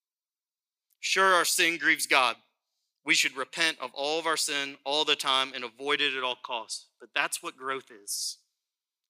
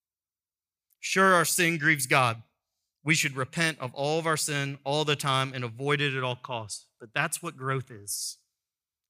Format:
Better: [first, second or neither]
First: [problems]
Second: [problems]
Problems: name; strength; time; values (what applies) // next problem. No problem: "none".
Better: second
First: thin; somewhat; fading below 250 Hz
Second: none